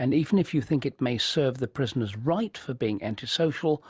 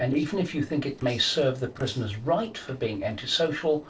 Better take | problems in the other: first | noise reduction (neural separator model SepFormer DNS4)

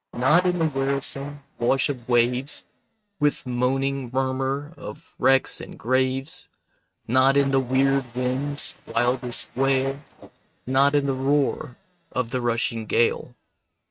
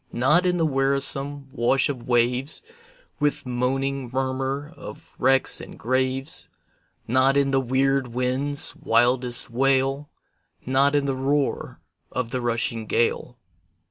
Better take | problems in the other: second | noise reduction (neural mask model RNNoise)

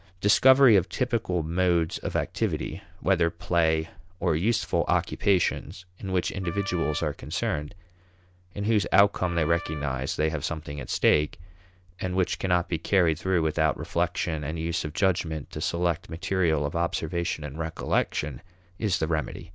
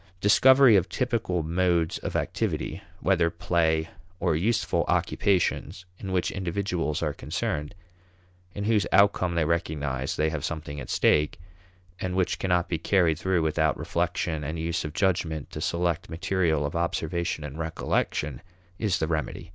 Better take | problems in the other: second | background sound (Wind instrument, woodwind instrument); 15 dB below the speech

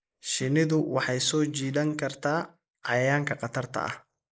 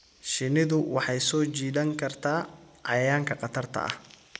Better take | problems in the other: second | noise reduction (neural mask model Resemble Enhance denoiser)

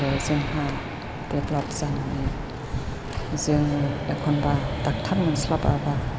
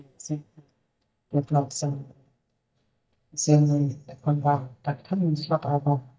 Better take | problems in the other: first | noise reduction (neural mask model DeepFilterNet 3)

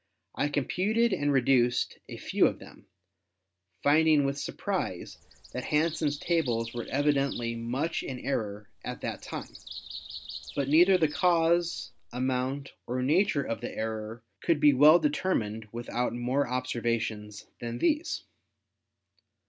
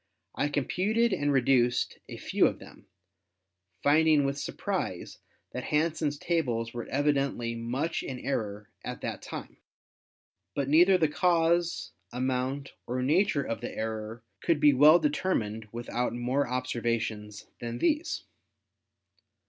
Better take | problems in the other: second | background sound (Bird vocalization, bird call, bird song); 16 dB below the speech

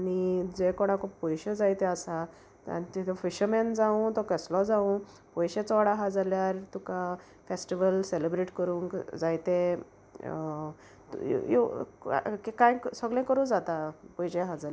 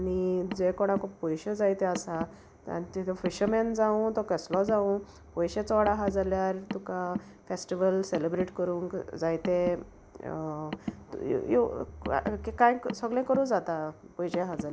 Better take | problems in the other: first | background sound (Car); 12 dB below the speech

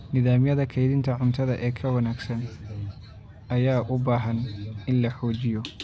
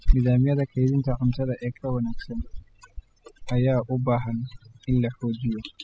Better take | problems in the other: first | noise reduction (classical method spectral subtraction)

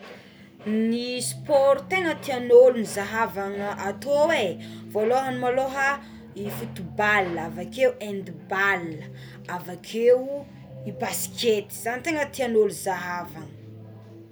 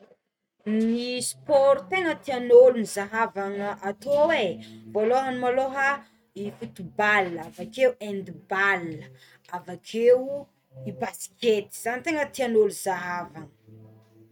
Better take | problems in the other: first | noise reduction (neural mask model RNNoise)

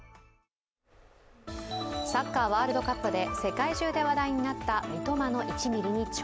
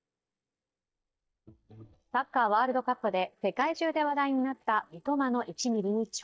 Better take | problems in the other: first | noise reduction (neural mask model DeepFilterNet 3)

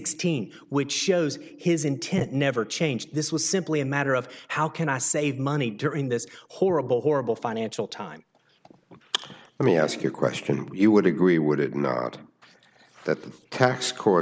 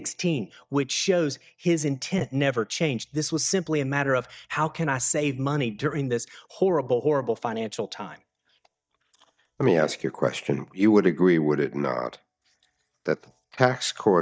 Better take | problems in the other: first | noise reduction (neural mask model DeepFilterNet 3)

